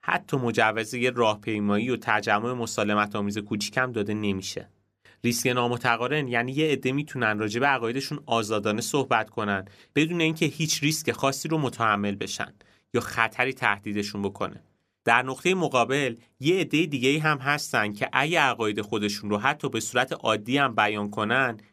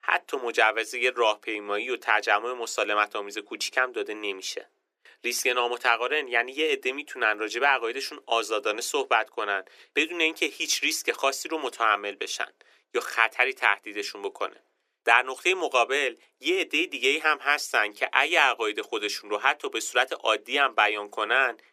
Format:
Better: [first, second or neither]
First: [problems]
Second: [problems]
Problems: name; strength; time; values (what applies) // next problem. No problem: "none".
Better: first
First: none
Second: thin; very; fading below 350 Hz